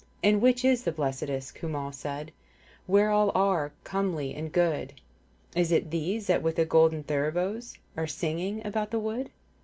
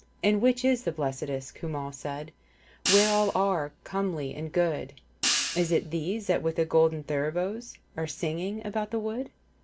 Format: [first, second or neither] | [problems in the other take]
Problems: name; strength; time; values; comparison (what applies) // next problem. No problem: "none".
first | background sound (Hi-hat); 5 dB below the speech